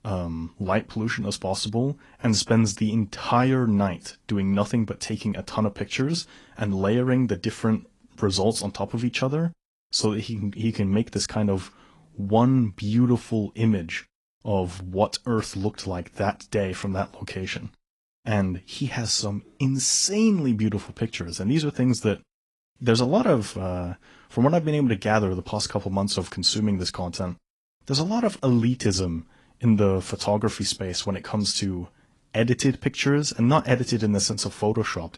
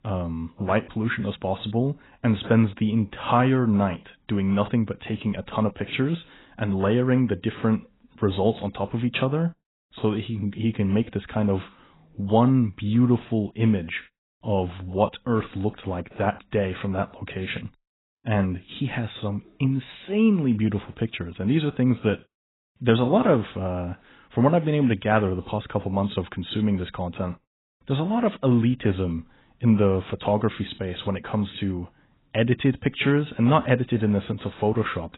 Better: first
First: garbled, watery; slightly; nothing above 10.5 kHz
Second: garbled, watery; badly; nothing above 4 kHz

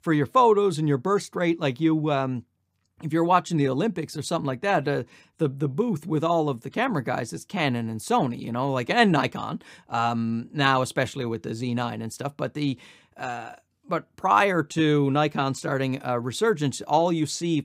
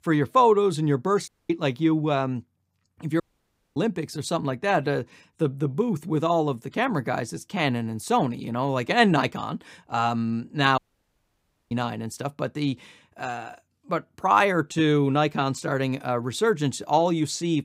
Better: first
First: none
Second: audio cutting out; at 1.5 s, at 3 s for 0.5 s and at 11 s for 1 s

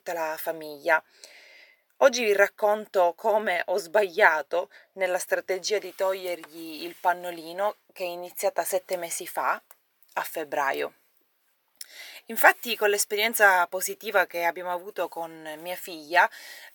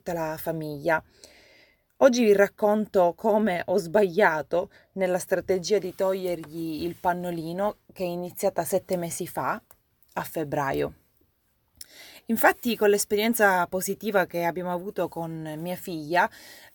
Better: second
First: thin; somewhat; fading below 550 Hz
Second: none

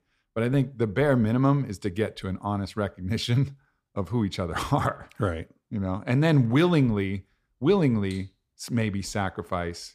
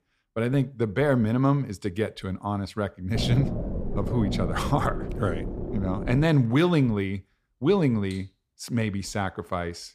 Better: first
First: none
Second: low rumble; loud; from 3 to 6 s; 8 dB below the speech

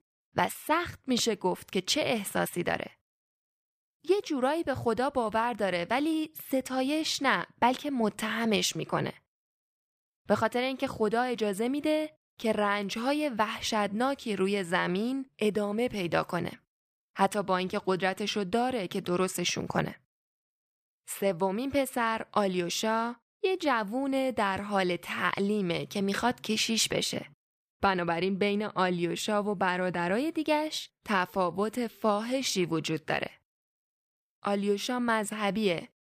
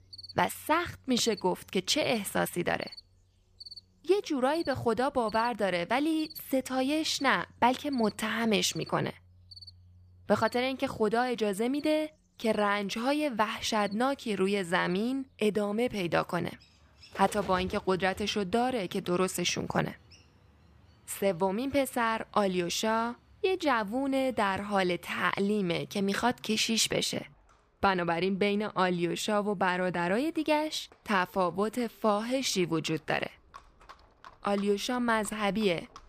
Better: first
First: none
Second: animal sounds; faint; throughout; 20 dB below the speech

